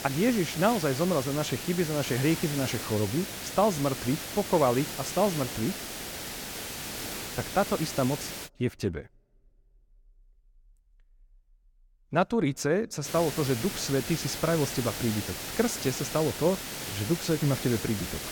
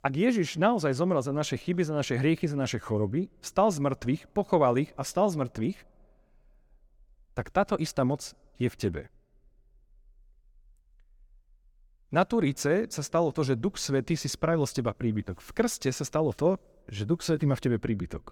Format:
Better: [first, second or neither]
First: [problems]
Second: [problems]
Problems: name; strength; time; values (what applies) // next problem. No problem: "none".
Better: second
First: hiss; loud; until 8.5 s and from 13 s on; 6 dB below the speech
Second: none